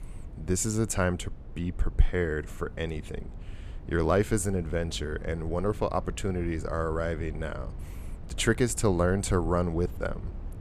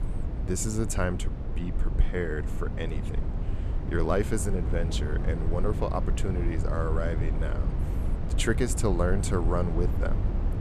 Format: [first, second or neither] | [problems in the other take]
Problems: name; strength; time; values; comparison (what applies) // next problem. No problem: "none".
first | low rumble; loud; throughout; 9 dB below the speech; faint in the first